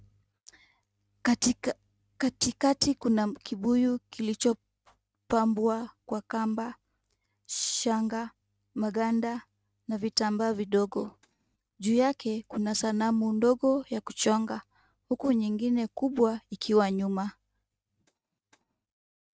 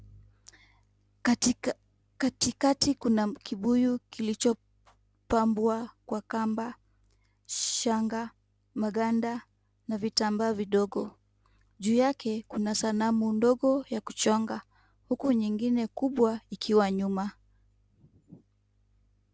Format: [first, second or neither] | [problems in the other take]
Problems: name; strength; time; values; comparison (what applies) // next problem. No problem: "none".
second | noise reduction (neural mask model RNNoise)